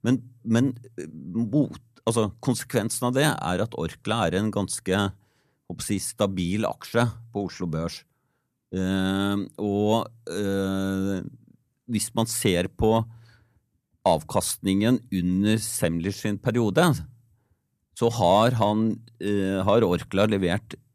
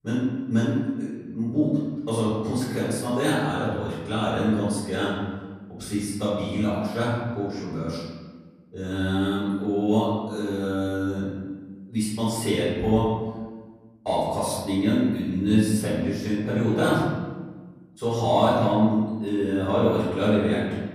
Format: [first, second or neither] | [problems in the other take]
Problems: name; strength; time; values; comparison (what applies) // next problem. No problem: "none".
first | room echo; strong; dies away in 1.3 s // off-mic speech; far